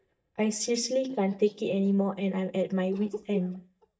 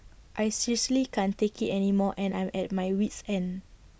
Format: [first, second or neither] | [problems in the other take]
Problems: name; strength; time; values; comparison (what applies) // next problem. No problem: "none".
second | noise reduction (neural mask model DeepFilterNet 3)